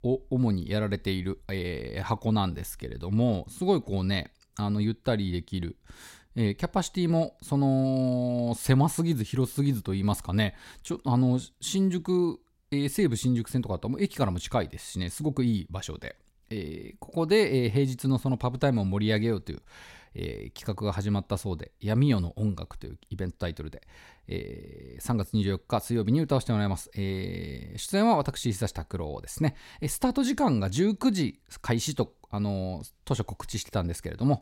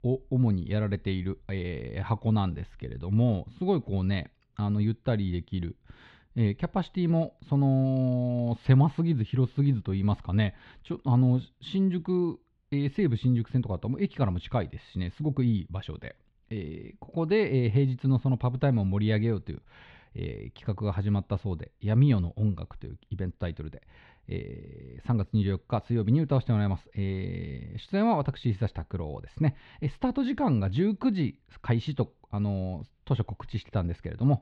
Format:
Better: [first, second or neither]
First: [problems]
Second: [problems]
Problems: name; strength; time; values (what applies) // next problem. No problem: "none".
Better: first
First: none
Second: muffled; slightly; fading above 3 kHz